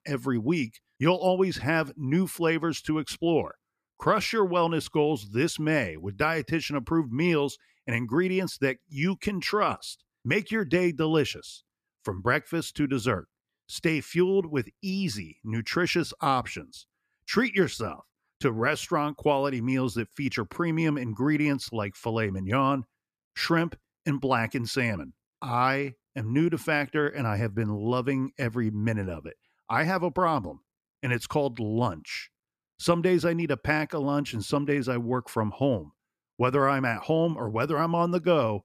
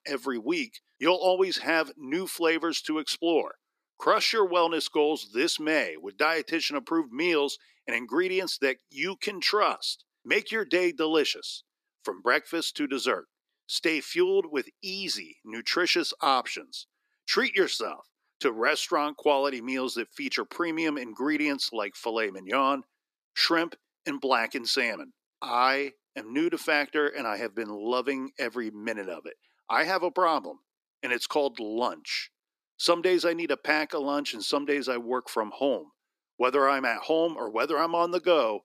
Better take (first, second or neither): first